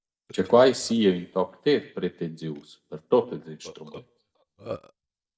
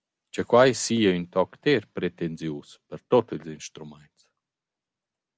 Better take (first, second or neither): second